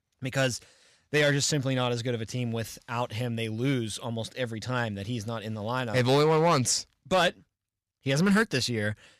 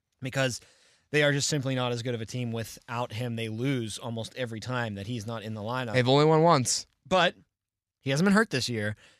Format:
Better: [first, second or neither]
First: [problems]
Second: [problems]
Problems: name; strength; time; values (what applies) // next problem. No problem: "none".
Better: second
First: distortion; slight; 3% of the sound clipped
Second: none